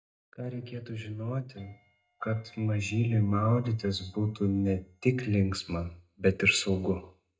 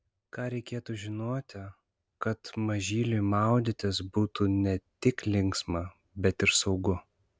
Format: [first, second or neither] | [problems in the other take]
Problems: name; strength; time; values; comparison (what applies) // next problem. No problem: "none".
second | noise reduction (neural mask model DeepFilterNet 3)